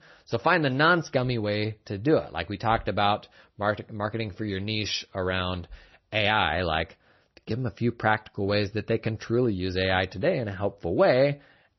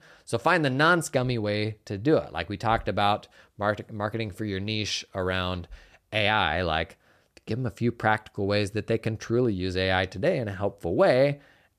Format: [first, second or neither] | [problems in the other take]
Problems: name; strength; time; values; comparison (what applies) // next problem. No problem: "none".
second | garbled, watery; slightly; nothing above 6 kHz